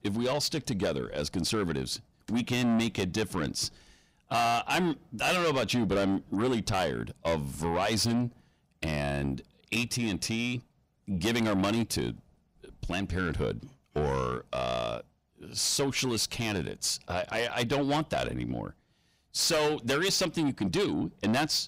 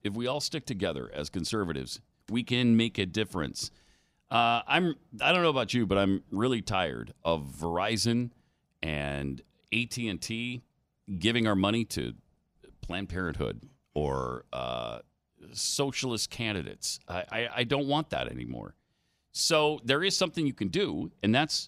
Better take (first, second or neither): second